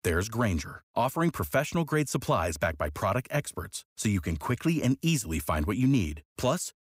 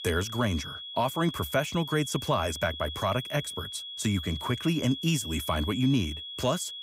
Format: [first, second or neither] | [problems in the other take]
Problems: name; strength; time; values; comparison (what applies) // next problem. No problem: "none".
first | high-pitched whine; loud; throughout; 3.5 kHz, 8 dB below the speech